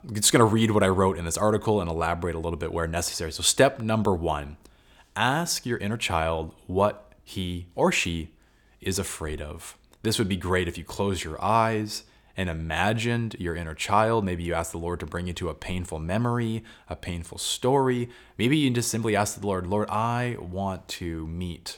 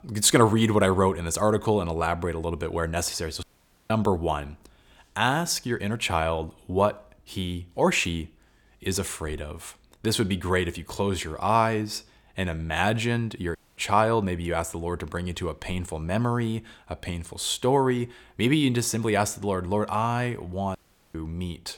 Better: first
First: none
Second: audio cutting out; at 3.5 s, at 14 s and at 21 s

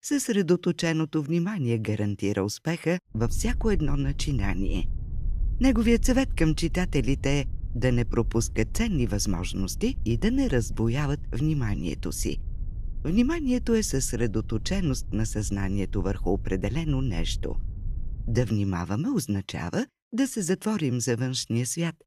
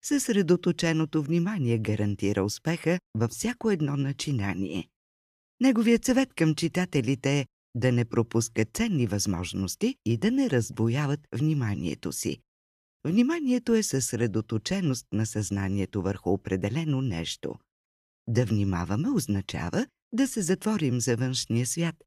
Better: second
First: low rumble; faint; from 3 to 18 s; 25 dB below the speech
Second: none

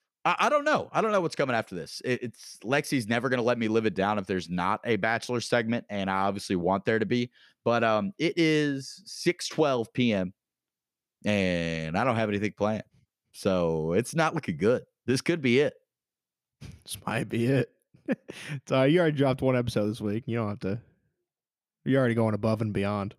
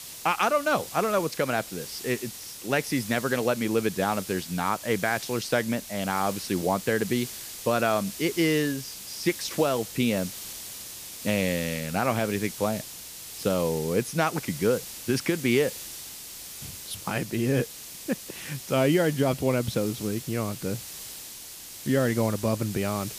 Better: first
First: none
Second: hiss; noticeable; throughout; 10 dB below the speech

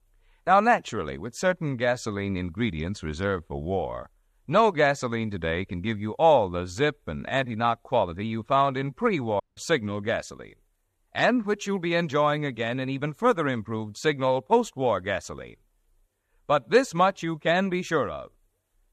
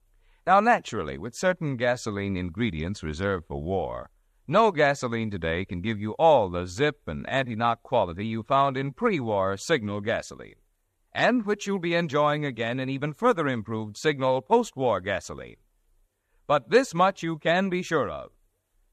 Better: second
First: audio cutting out; at 9.5 s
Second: none

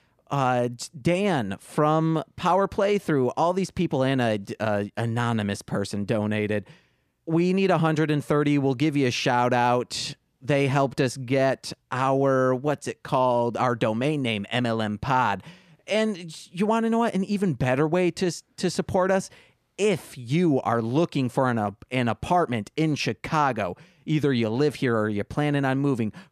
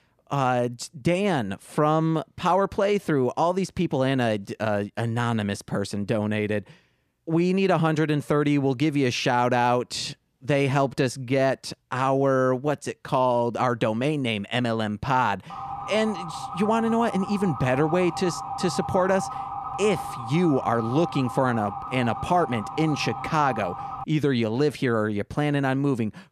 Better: first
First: none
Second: siren; noticeable; from 16 to 24 s; peak 8 dB below the speech

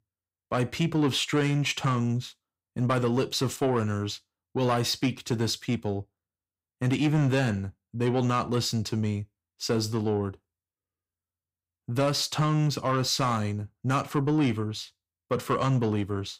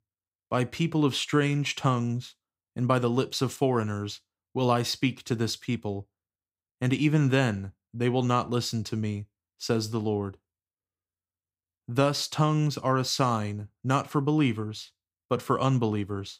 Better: second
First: distortion; slight; 10 dB below the speech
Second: none

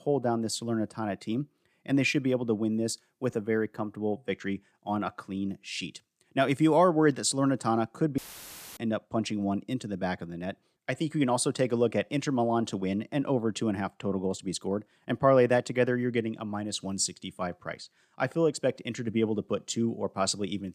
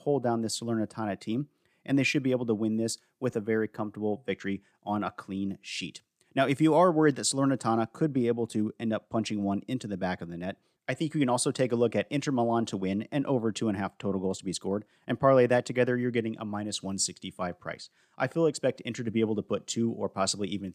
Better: second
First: audio cutting out; filled with static; at 8 s for 0.5 s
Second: none

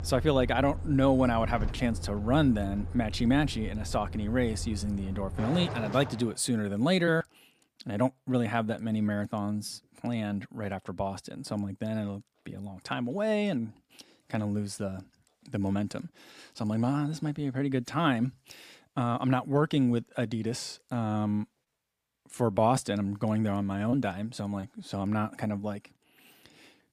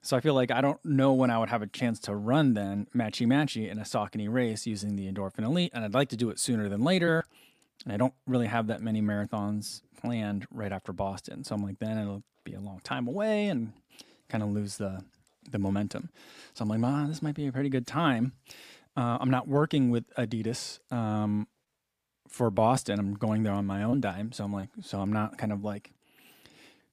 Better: second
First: traffic noise; loud; until 6 s; 8 dB below the speech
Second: none

